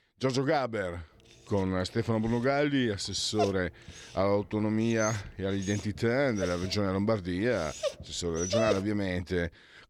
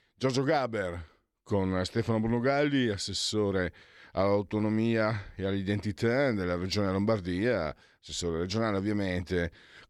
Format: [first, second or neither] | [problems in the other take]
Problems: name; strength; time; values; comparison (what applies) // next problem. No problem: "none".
second | dog barking; loud; from 3 to 9 s; peak 1 dB above the speech